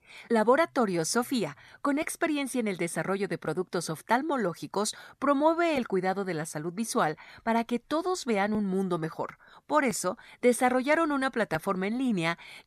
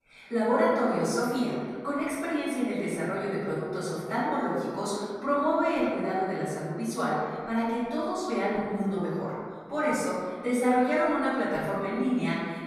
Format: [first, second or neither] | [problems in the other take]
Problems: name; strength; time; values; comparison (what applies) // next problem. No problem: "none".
first | off-mic speech; far // room echo; strong; dies away in 1.6 s